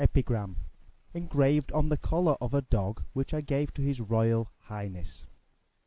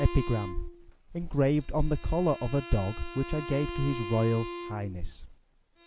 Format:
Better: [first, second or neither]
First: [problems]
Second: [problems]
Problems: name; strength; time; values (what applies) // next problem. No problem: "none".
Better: first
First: none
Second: background sound (Bowed string instrument); 12 dB below the speech